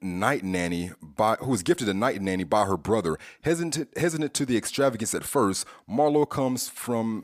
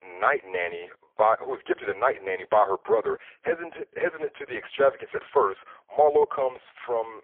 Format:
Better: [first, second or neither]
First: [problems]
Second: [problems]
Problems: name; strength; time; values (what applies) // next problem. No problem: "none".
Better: first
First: none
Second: phone-call audio; poor line; nothing above 3.5 kHz